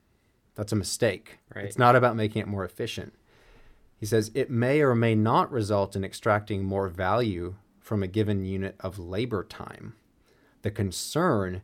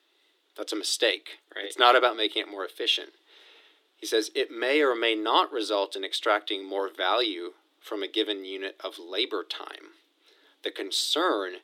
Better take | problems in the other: first | thin; very; fading below 300 Hz

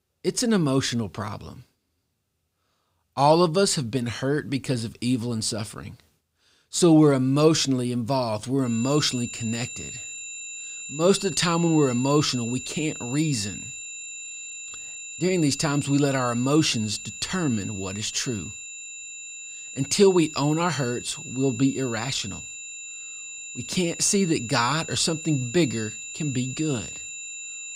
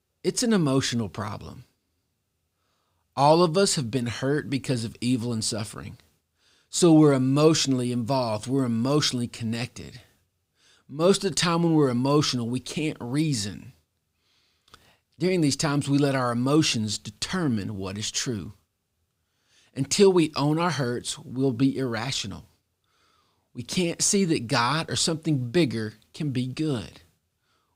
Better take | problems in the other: second | high-pitched whine; noticeable; from 8.5 s on; 7 kHz, 10 dB below the speech

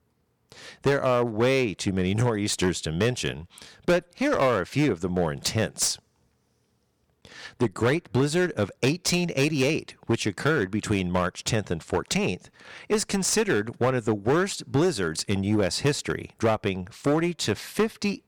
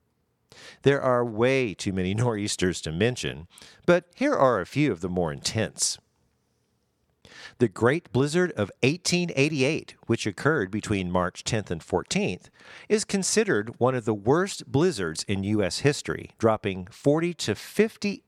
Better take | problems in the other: second | distortion; slight; 8% of the sound clipped

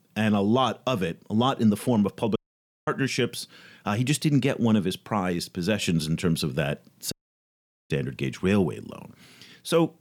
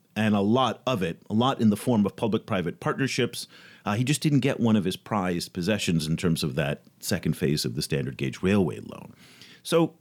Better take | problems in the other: second | audio cutting out; at 2.5 s for 0.5 s and at 7 s for 1 s

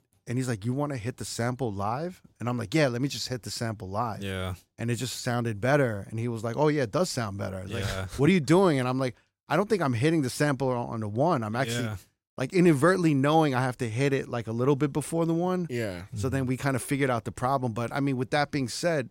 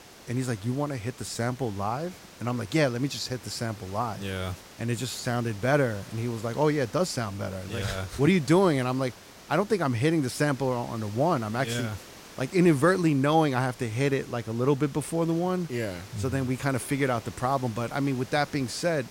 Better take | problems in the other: first | hiss; noticeable; throughout; 20 dB below the speech

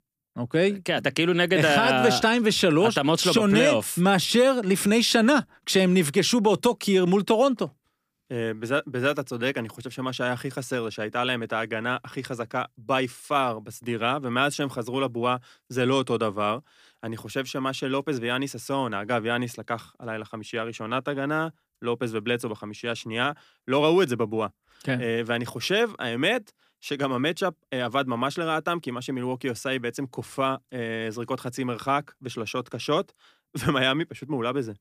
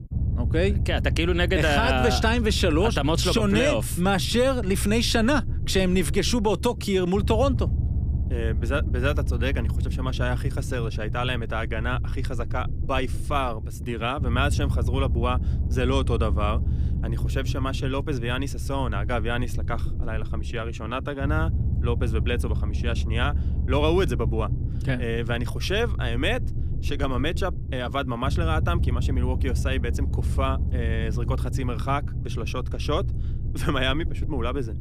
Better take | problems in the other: first | low rumble; noticeable; throughout; 15 dB below the speech

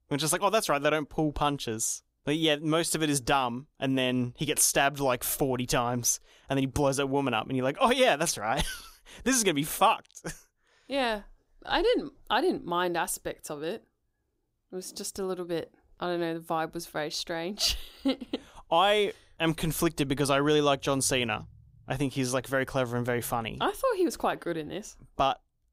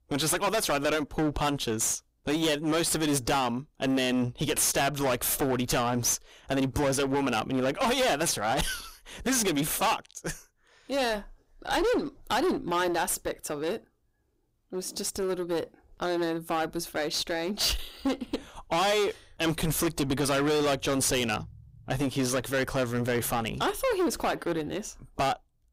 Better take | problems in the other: first | distortion; heavy; 18% of the sound clipped

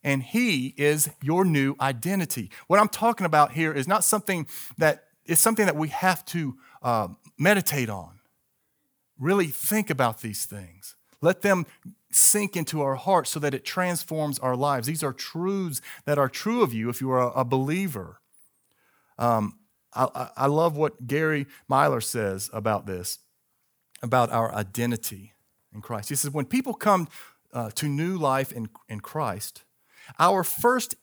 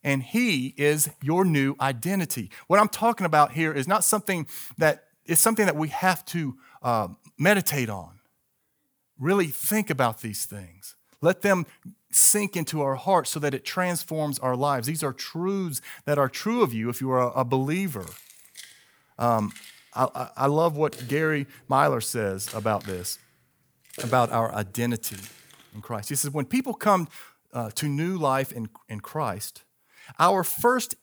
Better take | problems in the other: first | jangling keys; faint; from 18 to 26 s; peak 15 dB below the speech

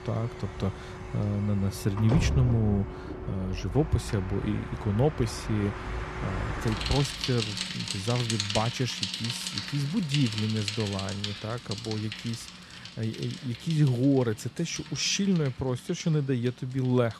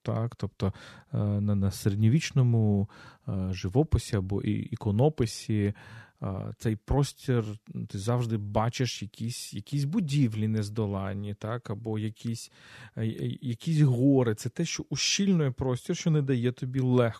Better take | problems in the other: second | traffic noise; loud; throughout; 6 dB below the speech

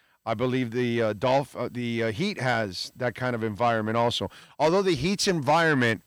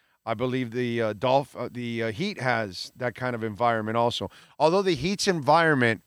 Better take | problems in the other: second | distortion; slight; 10 dB below the speech

